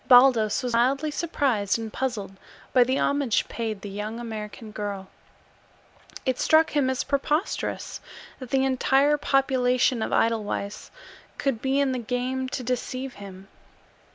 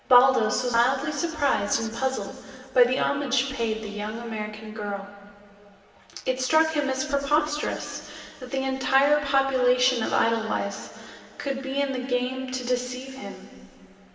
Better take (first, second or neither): first